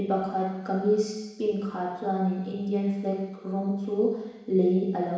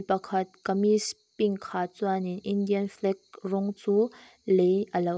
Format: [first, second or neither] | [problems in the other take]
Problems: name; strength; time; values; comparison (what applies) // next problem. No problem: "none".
second | room echo; dies away in 1.1 s